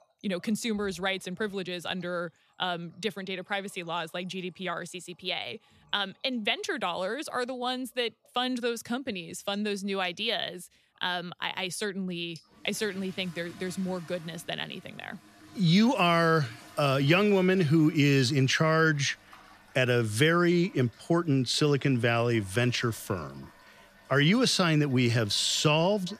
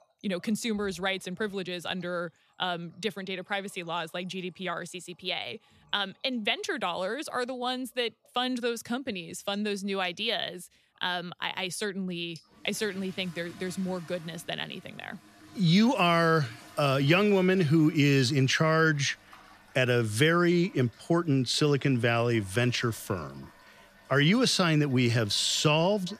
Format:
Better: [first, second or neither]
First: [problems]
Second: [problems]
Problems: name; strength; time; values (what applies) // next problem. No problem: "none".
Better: neither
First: household noises; faint; throughout; 25 dB below the speech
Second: household noises; faint; throughout; 25 dB below the speech